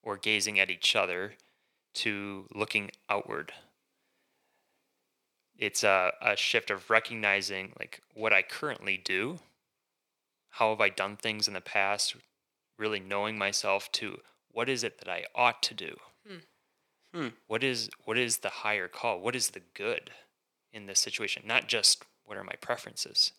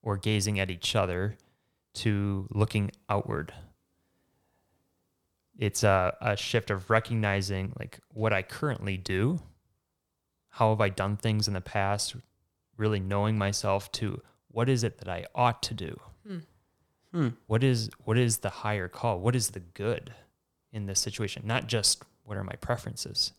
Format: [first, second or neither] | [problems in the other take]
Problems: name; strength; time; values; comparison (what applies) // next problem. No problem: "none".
second | thin; somewhat; fading below 350 Hz